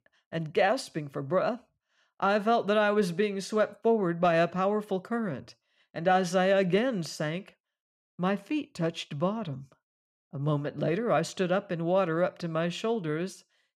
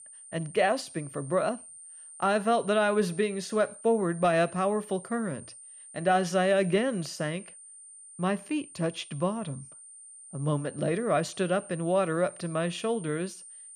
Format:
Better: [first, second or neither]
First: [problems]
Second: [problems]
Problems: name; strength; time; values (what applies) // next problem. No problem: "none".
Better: first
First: none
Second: high-pitched whine; noticeable; throughout; 9 kHz, 15 dB below the speech